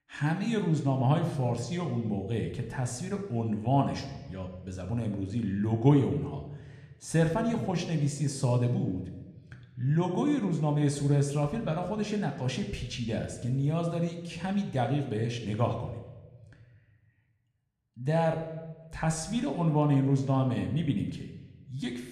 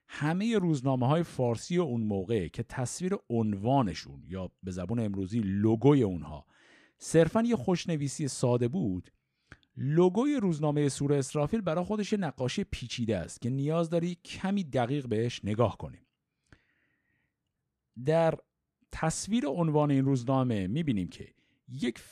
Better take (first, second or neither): second